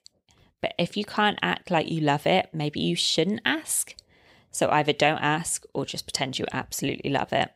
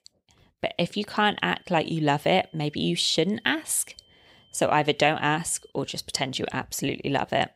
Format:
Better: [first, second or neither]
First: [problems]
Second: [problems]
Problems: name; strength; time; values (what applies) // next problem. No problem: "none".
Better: first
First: none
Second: high-pitched whine; faint; from 1 to 5.5 s; 3 kHz, 30 dB below the speech